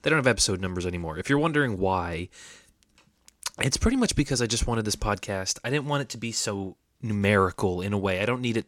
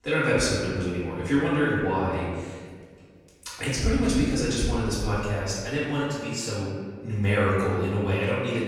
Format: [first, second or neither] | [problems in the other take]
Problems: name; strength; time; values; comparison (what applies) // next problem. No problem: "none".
first | off-mic speech; far // room echo; strong; dies away in 1.6 s